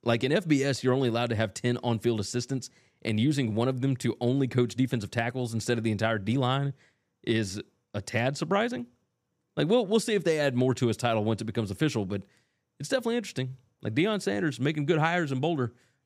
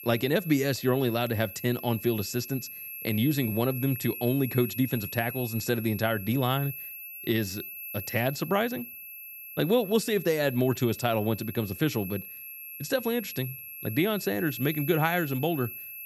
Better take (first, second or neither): first